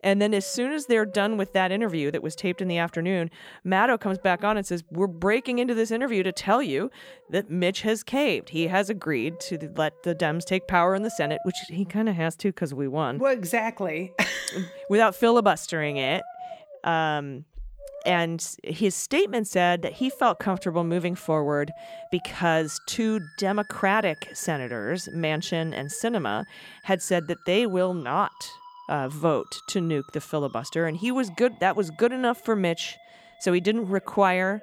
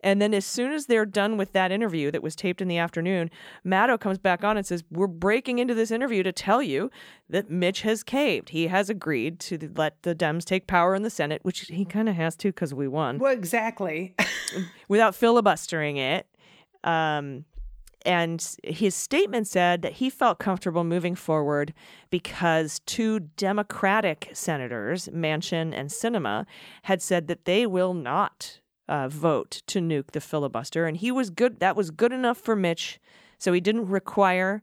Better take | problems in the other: second | background music; noticeable; throughout; 20 dB below the speech

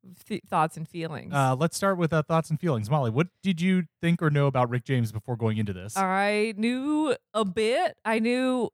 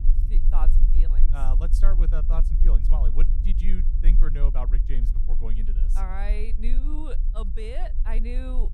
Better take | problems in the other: first | low rumble; loud; throughout; 9 dB below the speech

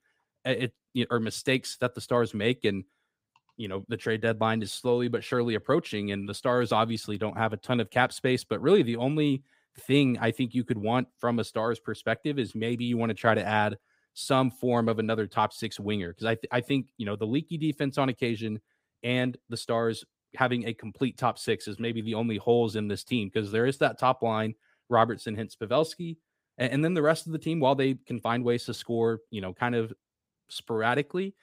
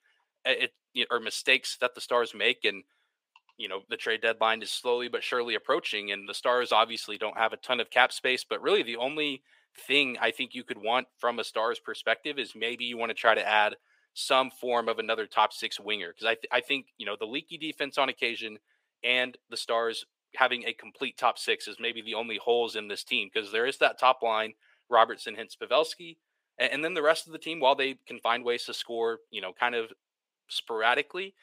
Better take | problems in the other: first | thin; very; fading below 550 Hz

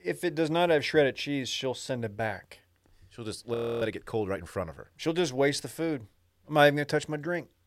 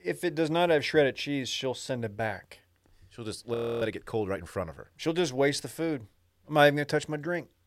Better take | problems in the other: neither | audio freezing; at 3.5 s; the same in both

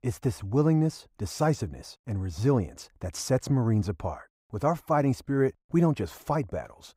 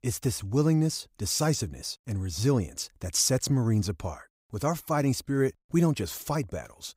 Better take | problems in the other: second | muffled; slightly; fading above 3 kHz

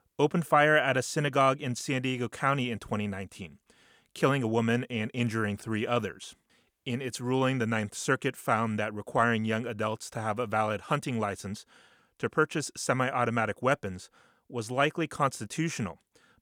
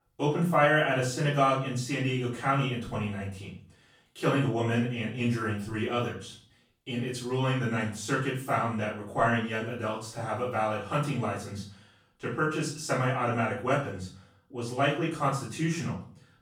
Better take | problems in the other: first | off-mic speech; far // room echo; noticeable; dies away in 0.4 s

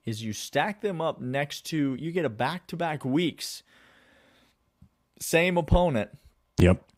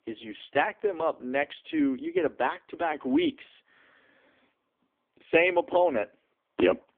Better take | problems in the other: first | phone-call audio; poor line; nothing above 3.5 kHz

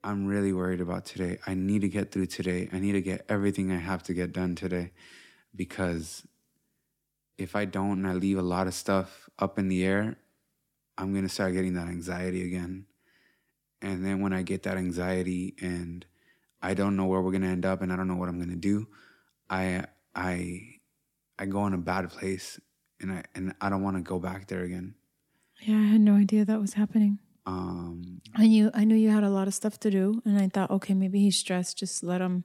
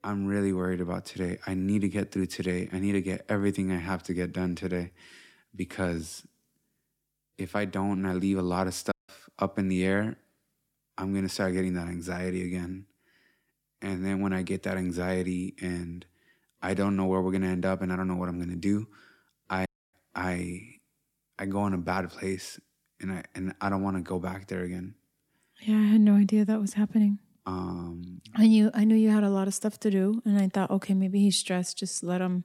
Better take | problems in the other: first | audio cutting out; at 9 s and at 20 s

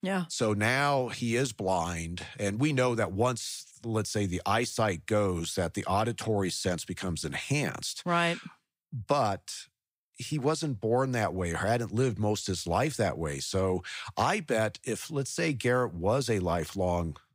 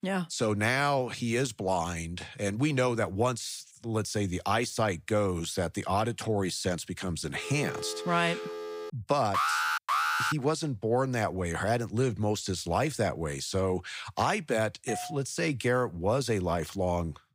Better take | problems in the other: first | phone ringing; noticeable; from 7.5 to 9 s; peak 8 dB below the speech // alarm; loud; at 9.5 s; peak 3 dB above the speech // doorbell; noticeable; at 15 s; peak 9 dB below the speech

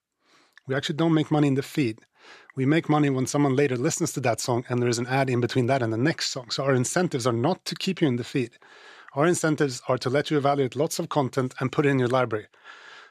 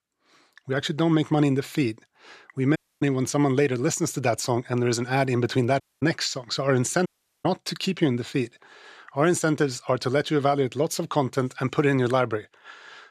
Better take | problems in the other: first | audio cutting out; at 3 s, at 6 s and at 7 s

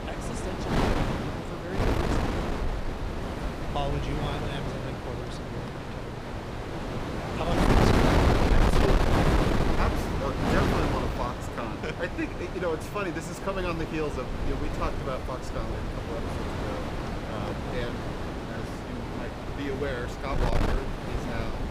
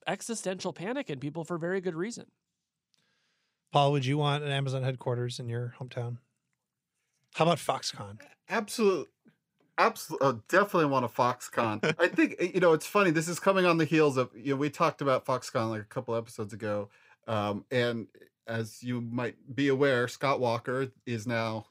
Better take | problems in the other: second | wind noise on the microphone; heavy; 3 dB above the speech

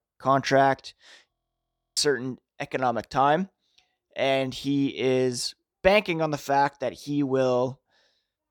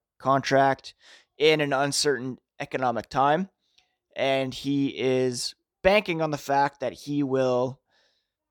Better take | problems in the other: second | audio freezing; at 1.5 s for 0.5 s

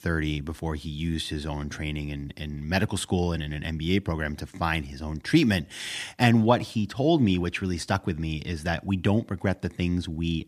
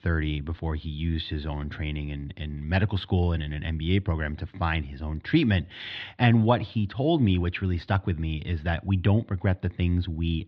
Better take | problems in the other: first | muffled; slightly; fading above 4 kHz

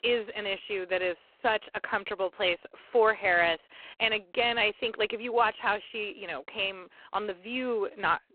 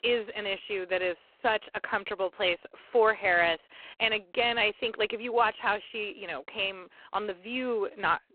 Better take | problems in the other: neither | phone-call audio; poor line; the same in both

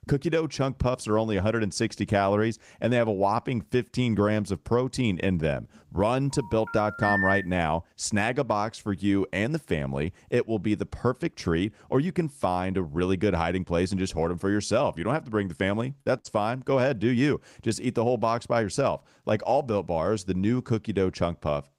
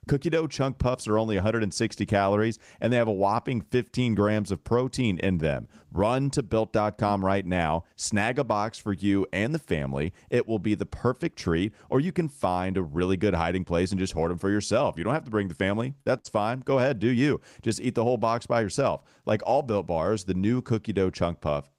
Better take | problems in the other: second | phone ringing; loud; from 6.5 to 7.5 s; peak 2 dB above the speech

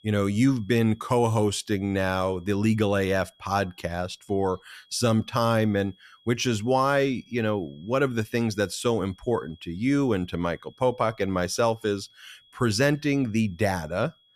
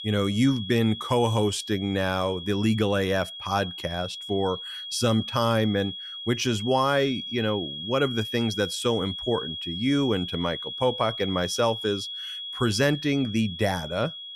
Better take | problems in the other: first | high-pitched whine; loud; throughout; 3.5 kHz, 8 dB below the speech; faint in the first

